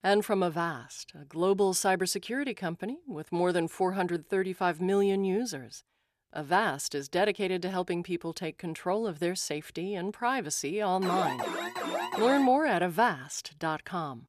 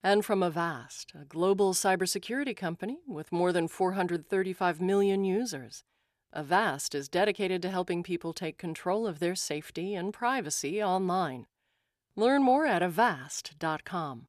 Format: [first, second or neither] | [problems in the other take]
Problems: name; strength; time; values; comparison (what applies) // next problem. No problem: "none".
second | alarm; noticeable; from 11 to 12 s; peak 3 dB below the speech